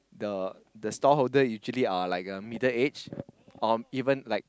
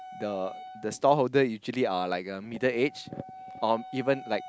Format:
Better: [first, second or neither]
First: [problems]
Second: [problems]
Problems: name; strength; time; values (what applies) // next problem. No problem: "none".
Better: first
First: none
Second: background sound (Wind instrument, woodwind instrument); 17 dB below the speech